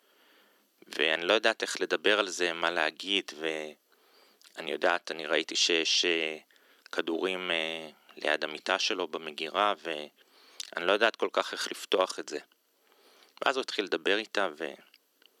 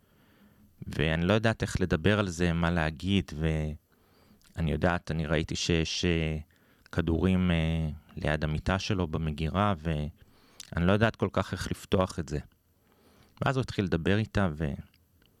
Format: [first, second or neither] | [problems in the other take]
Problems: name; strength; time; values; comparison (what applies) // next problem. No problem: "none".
second | thin; very; fading below 300 Hz